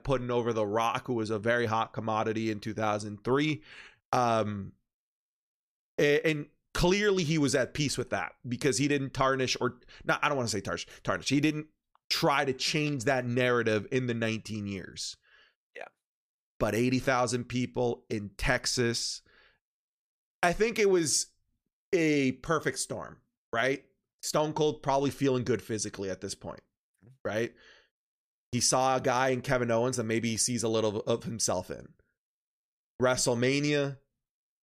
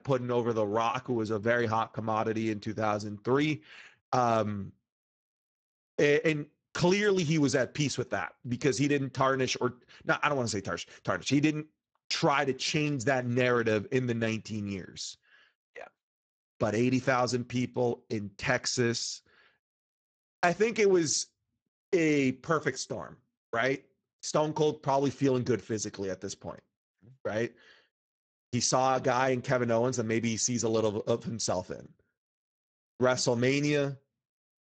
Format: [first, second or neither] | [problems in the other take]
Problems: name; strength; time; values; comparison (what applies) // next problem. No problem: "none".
first | garbled, watery; badly; nothing above 7.5 kHz